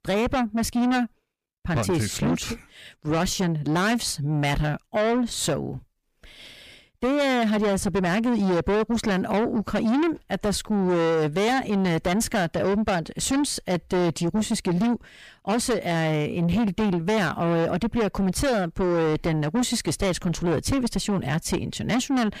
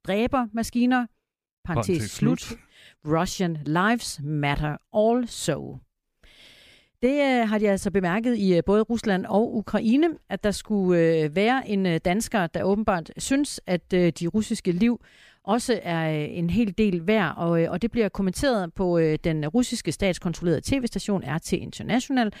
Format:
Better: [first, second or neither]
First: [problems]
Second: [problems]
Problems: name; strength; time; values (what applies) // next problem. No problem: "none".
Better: second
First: distortion; heavy; 7 dB below the speech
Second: none